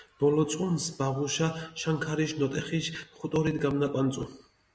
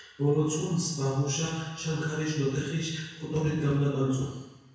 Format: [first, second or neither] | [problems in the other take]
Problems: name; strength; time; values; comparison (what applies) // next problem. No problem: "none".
first | room echo; dies away in 1.1 s